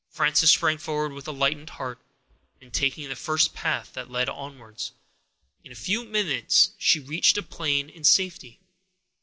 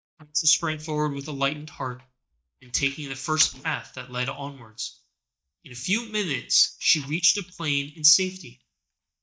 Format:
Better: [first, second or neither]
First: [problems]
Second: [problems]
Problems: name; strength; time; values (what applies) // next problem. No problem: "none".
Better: first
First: none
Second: noise reduction (neural mask model DeepFilterNet 3)